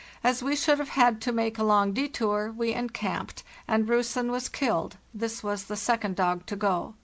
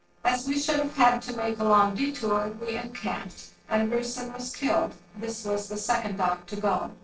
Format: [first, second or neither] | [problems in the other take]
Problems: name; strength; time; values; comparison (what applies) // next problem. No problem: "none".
first | noise reduction (neural separator model SepFormer DNS4)